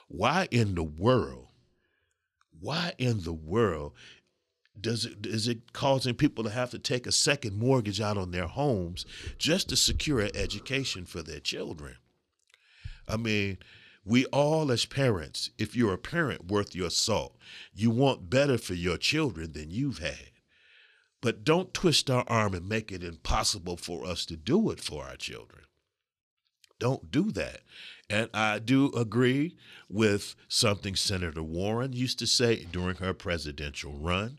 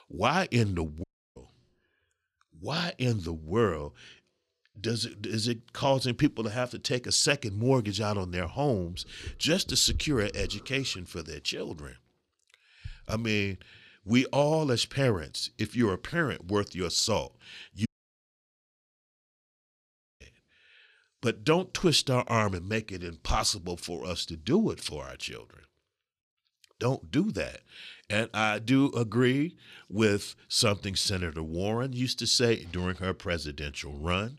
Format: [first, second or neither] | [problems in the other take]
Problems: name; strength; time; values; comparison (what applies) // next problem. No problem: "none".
first | audio cutting out; at 1 s and at 18 s for 2.5 s